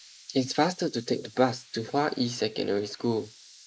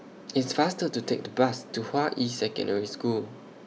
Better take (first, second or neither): second